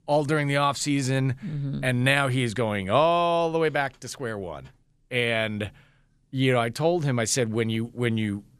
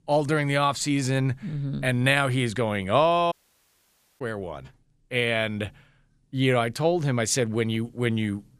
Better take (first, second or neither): first